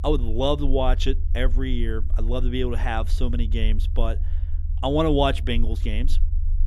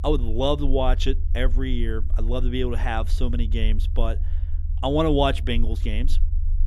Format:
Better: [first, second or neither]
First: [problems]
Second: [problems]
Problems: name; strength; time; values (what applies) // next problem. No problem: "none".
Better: neither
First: low rumble; faint; throughout; 20 dB below the speech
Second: low rumble; faint; throughout; 20 dB below the speech